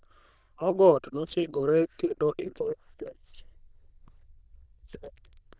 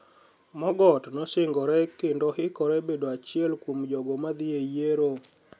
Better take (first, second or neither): second